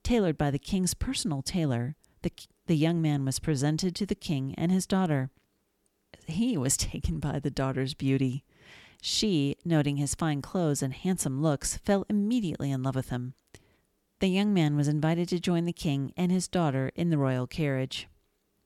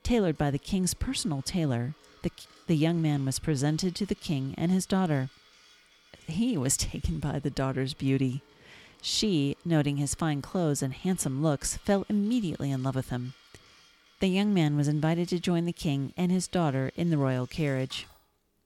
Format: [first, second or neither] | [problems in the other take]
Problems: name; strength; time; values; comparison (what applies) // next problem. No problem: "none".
first | household noises; faint; throughout; 30 dB below the speech